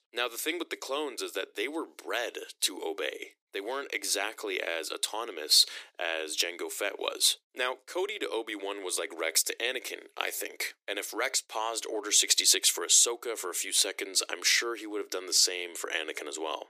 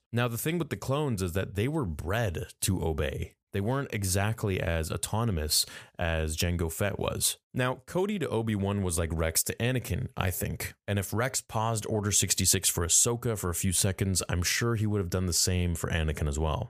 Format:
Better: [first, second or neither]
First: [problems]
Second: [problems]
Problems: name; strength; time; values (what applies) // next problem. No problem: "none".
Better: second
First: thin; very; fading below 300 Hz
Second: none